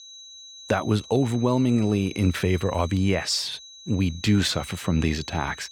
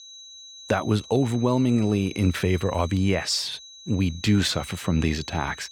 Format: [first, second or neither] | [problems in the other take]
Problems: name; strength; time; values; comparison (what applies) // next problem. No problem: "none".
neither | high-pitched whine; noticeable; throughout; 4 kHz, 20 dB below the speech; the same in both